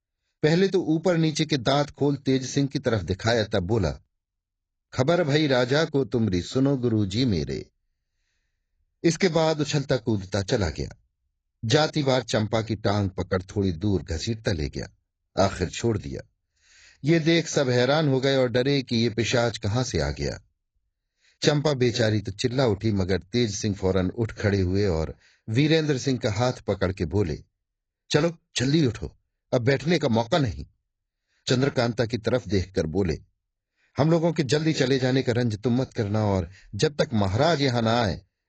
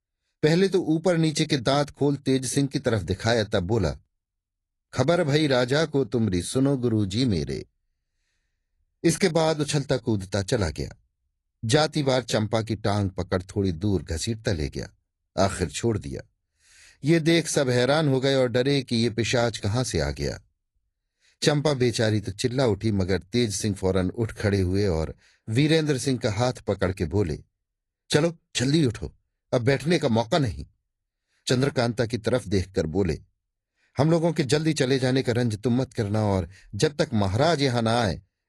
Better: second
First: garbled, watery; badly; nothing above 7.5 kHz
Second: garbled, watery; slightly; nothing above 11 kHz

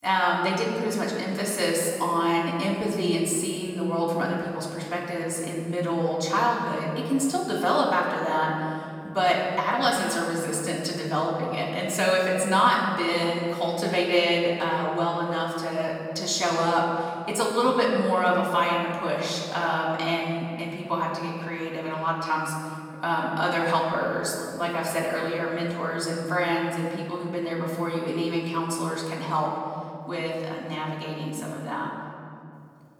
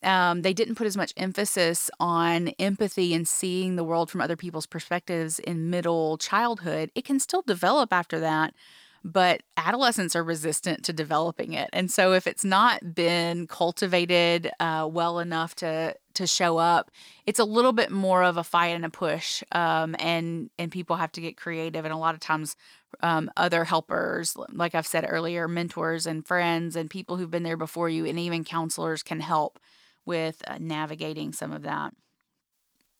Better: second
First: off-mic speech; far // room echo; noticeable; dies away in 2.3 s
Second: none

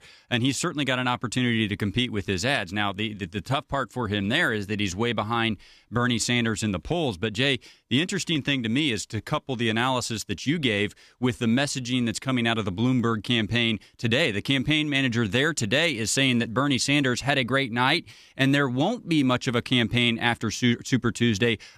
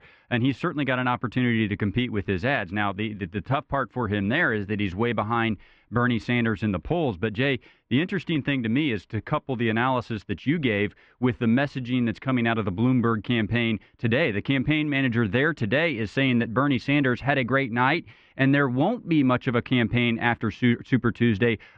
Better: first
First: none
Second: muffled; very; fading above 2.5 kHz

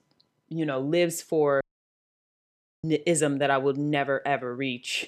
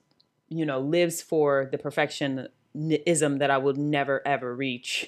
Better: second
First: audio cutting out; at 1.5 s for 1 s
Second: none

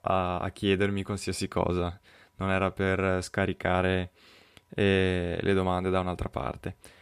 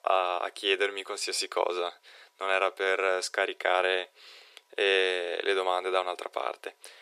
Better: first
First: none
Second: thin; very; fading below 400 Hz

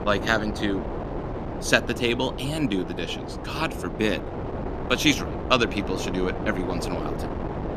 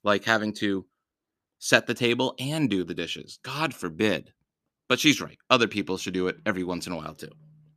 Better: second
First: wind noise on the microphone; heavy; 8 dB below the speech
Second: none

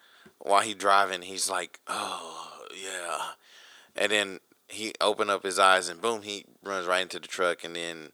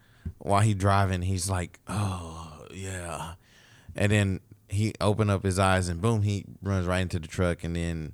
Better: second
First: thin; very; fading below 400 Hz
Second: none

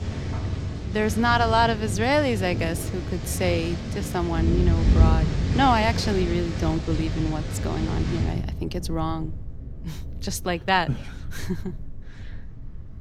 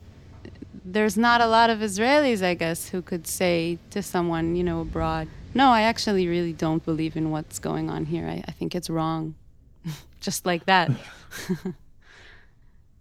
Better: second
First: rain or running water; loud; throughout; 2 dB below the speech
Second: rain or running water; faint; throughout; 20 dB below the speech

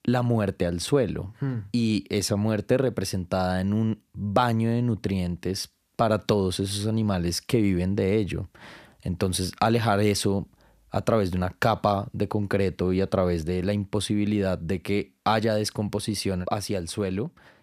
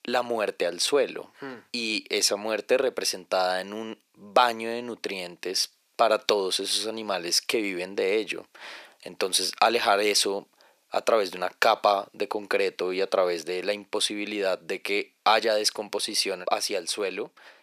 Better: first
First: none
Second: thin; very; fading below 400 Hz

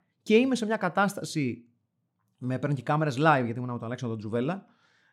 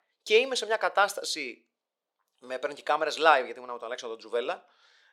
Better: first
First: none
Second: thin; very; fading below 450 Hz

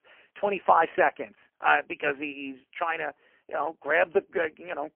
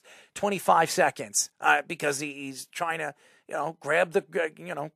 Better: second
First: phone-call audio; poor line; nothing above 3 kHz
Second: none

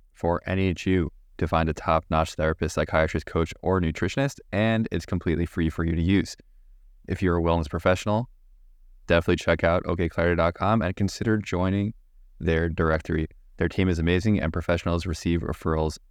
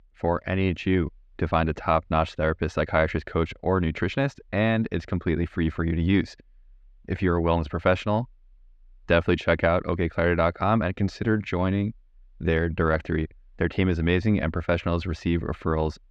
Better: first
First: none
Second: muffled; very slightly; fading above 3 kHz

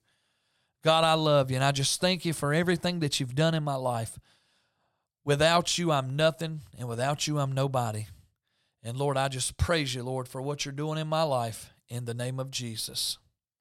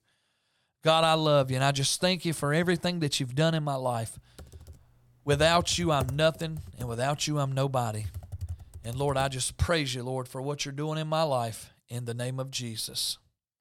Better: first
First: none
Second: keyboard typing; noticeable; from 4.5 to 9.5 s; peak 10 dB below the speech

